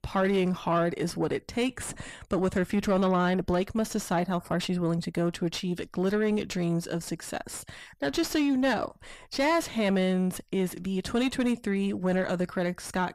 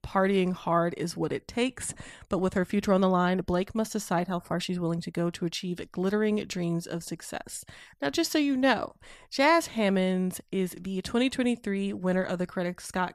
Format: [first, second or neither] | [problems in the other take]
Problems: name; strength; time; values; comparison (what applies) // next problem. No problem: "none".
second | distortion; slight; 9 dB below the speech